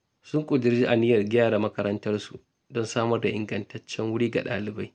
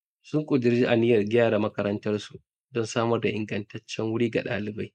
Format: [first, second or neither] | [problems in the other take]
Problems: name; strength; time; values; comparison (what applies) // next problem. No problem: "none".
first | noise reduction (neural mask model Resemble Enhance denoiser)